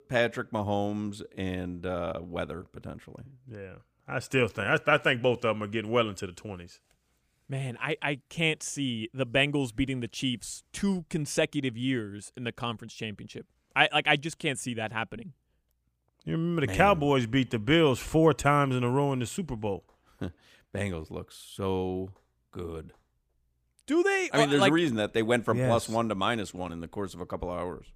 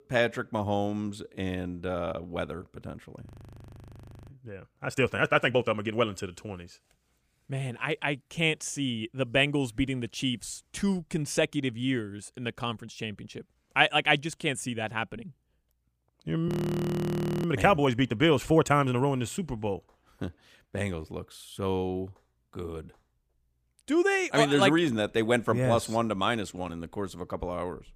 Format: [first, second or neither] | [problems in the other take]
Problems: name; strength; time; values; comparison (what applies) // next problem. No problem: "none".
first | audio freezing; at 3.5 s for 1 s and at 16 s for 1 s